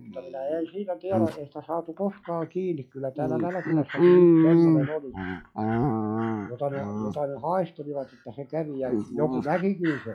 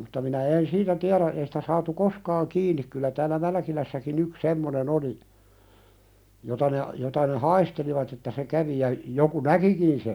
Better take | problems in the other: second | noise reduction (classical method log-MMSE)

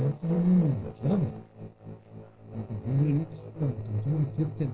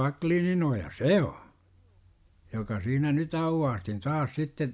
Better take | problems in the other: second | noise reduction (neural separator model SepFormer DNS4)

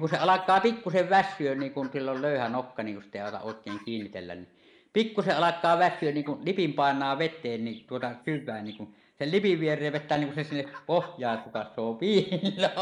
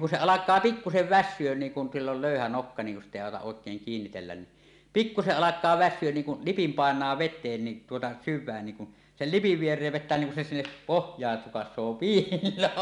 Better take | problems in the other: second | noise reduction (neural mask model Resemble Enhance denoiser)

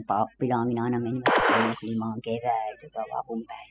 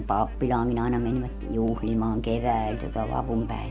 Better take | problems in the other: second | noise reduction (classical method spectral subtraction)

